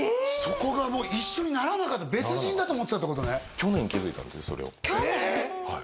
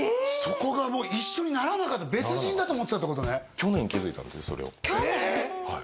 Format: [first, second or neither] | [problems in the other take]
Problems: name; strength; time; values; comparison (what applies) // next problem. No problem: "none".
second | background sound (Boat, Water vehicle); 18 dB below the speech